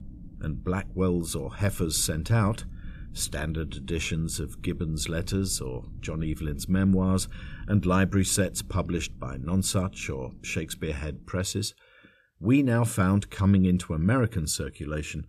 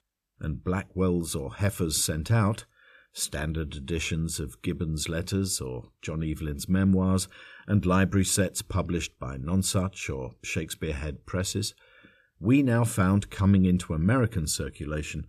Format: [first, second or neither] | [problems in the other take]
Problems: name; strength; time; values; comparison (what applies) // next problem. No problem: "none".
second | low rumble; faint; until 11 s; 25 dB below the speech